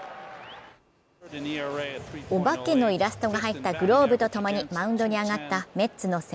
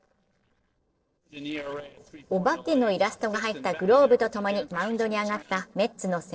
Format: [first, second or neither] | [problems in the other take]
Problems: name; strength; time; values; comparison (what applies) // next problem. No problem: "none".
first | noise reduction (neural separator model SepFormer DNS4)